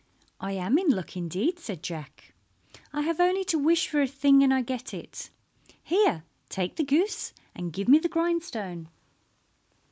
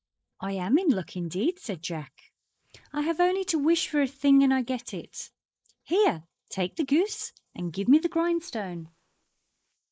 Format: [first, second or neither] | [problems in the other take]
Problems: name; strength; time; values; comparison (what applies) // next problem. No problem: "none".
first | noise reduction (neural mask model Resemble Enhance denoiser)